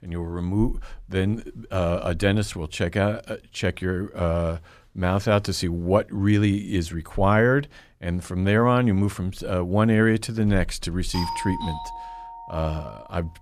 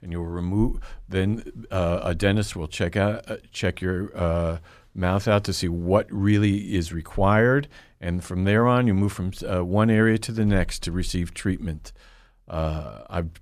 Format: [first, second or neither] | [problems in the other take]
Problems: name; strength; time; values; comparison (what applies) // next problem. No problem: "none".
second | doorbell; noticeable; from 11 s on; peak 6 dB below the speech